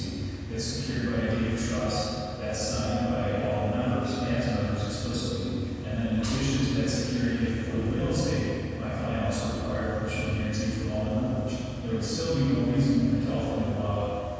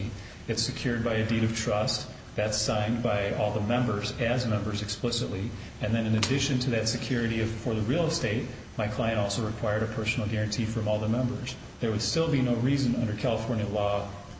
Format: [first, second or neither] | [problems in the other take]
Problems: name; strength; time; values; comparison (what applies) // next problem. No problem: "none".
second | room echo; dies away in 2.1 s